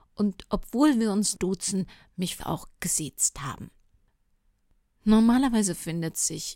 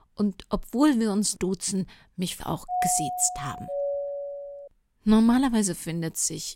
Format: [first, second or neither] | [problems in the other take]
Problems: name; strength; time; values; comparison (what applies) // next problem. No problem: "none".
first | doorbell; noticeable; from 2.5 to 4.5 s; peak 2 dB below the speech